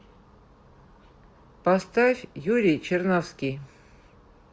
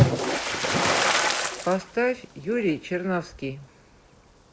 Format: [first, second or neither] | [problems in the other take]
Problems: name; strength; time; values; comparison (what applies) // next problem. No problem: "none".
first | background sound (Splash, splatter); 3 dB above the speech